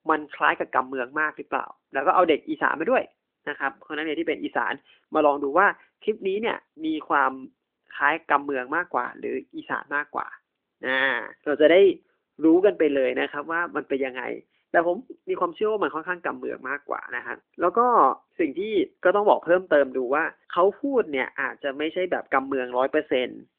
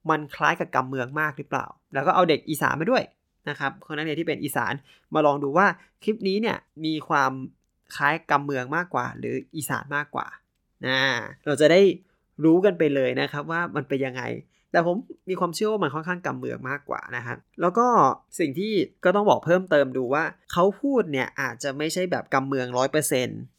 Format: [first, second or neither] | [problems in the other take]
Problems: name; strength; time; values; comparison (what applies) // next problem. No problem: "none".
second | phone-call audio; nothing above 3.5 kHz